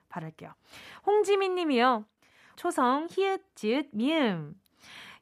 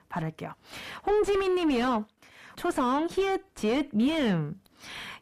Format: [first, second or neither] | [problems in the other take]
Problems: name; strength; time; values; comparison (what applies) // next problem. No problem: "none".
first | distortion; heavy; 5 dB below the speech